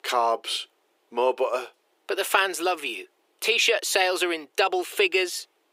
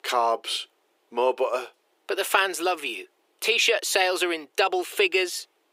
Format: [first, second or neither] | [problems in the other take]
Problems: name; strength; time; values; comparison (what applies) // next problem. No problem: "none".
neither | thin; very; fading below 350 Hz; the same in both